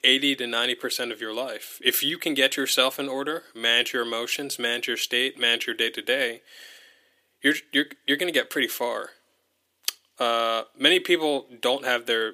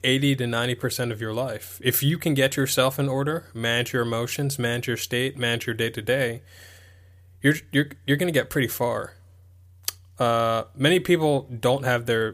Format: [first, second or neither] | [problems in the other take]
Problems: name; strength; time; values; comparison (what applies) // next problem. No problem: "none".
second | thin; very slightly; fading below 300 Hz